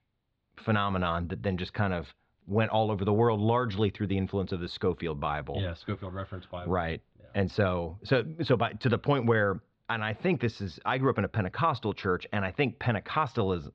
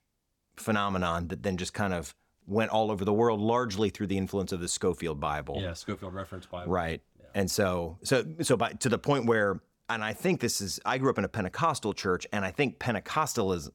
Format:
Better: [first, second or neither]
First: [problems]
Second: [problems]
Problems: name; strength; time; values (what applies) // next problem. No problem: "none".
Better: second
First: muffled; slightly; fading above 4 kHz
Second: none